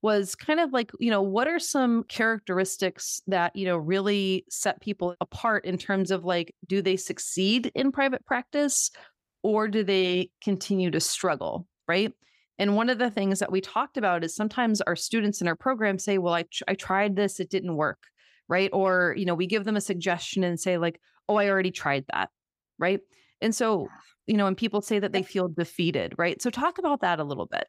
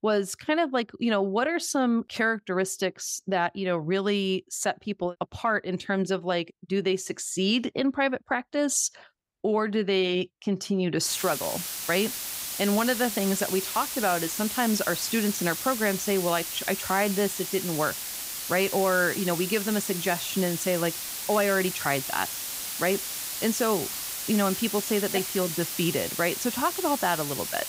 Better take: first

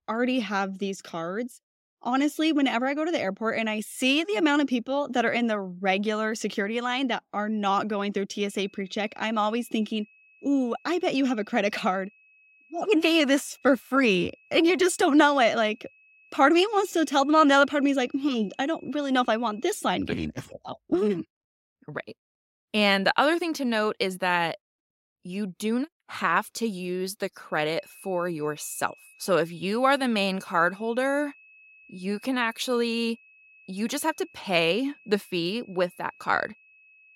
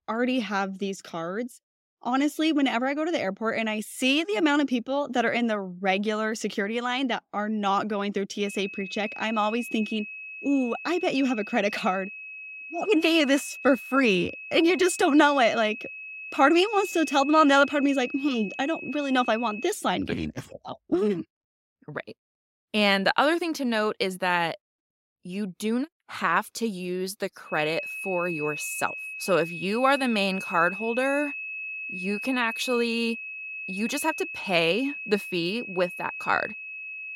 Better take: first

